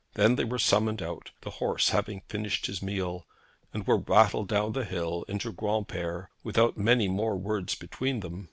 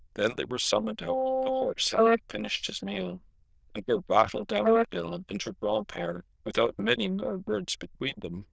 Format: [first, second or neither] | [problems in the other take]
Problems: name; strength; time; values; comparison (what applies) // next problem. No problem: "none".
first | noise reduction (neural diffusion model UNIVERSE++)